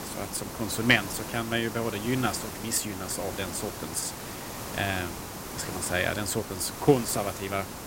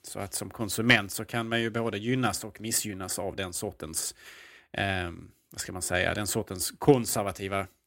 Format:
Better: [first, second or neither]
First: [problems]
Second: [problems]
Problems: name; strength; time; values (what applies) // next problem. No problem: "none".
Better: second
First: hiss; loud; throughout; 8 dB below the speech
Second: none